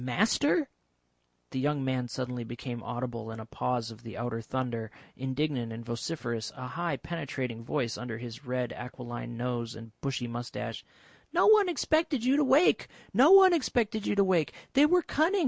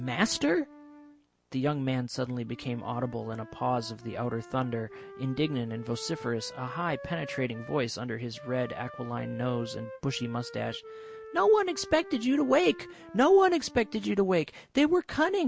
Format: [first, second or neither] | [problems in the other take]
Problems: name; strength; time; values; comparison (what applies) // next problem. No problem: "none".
first | background sound (Wind instrument, woodwind instrument); 17 dB below the speech